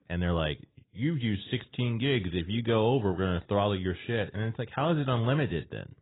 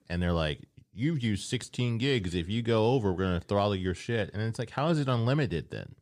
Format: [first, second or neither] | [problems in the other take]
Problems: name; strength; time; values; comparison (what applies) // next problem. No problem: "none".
second | garbled, watery; badly; nothing above 3.5 kHz